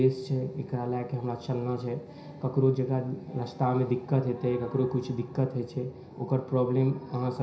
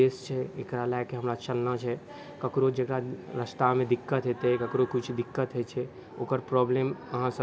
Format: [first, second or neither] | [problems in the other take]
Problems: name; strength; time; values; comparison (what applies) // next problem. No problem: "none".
second | room echo; dies away in 0.5 s